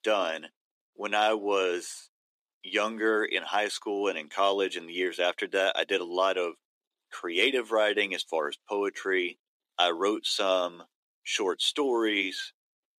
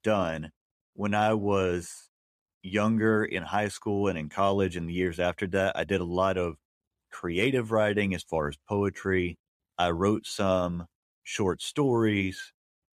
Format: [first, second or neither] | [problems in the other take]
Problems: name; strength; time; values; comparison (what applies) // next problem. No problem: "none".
second | thin; somewhat; fading below 300 Hz